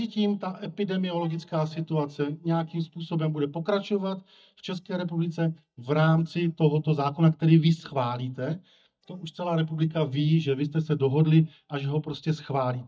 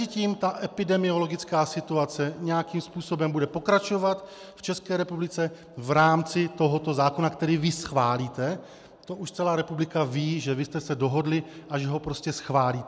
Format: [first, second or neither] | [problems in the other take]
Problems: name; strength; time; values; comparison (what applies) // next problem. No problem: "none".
second | noise reduction (neural mask model DeepFilterNet 3)